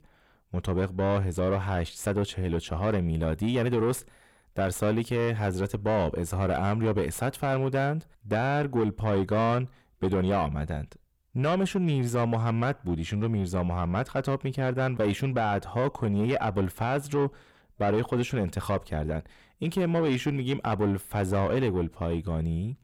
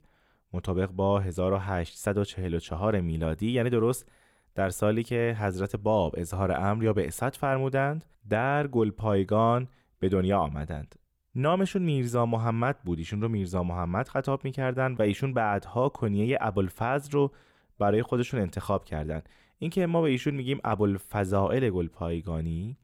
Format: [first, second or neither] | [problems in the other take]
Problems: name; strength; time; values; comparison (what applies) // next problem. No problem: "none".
second | distortion; slight; 10 dB below the speech